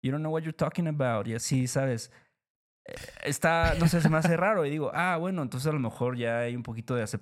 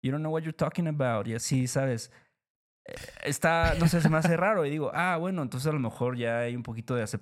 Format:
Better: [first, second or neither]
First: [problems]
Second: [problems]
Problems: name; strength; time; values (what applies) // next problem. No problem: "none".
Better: neither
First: none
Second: none